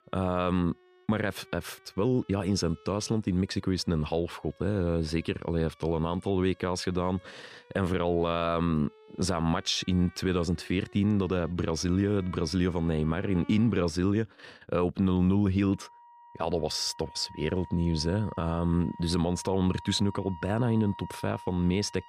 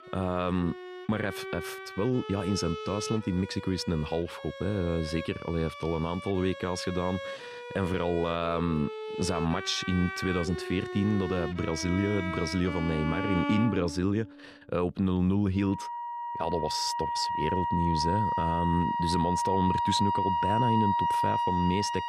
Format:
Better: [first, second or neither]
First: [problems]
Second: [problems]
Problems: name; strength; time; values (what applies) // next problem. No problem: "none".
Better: first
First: background music; faint; throughout; 20 dB below the speech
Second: background music; loud; throughout; 3 dB below the speech